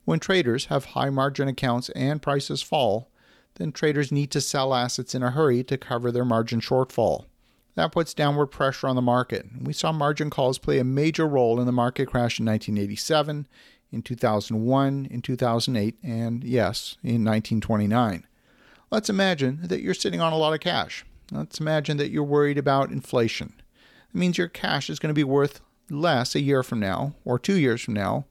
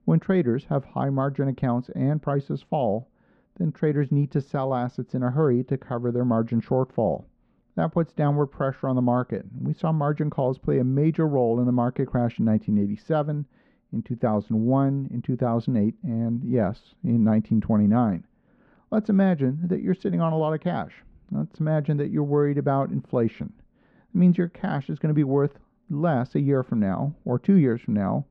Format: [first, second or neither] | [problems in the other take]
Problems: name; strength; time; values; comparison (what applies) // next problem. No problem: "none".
first | muffled; very; fading above 1 kHz